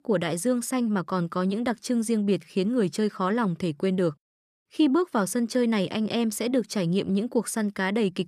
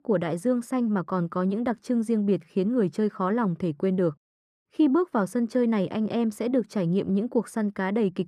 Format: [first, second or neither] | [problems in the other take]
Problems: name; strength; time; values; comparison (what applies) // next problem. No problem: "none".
first | muffled; slightly; fading above 2 kHz